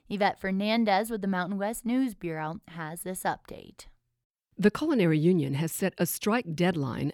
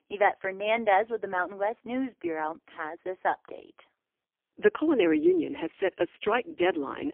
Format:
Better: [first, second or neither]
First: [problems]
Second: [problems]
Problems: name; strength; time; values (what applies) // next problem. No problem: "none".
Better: first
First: none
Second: phone-call audio; poor line; nothing above 3.5 kHz